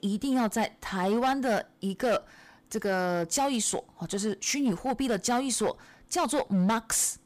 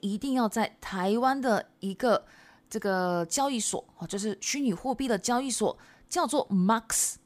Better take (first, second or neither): second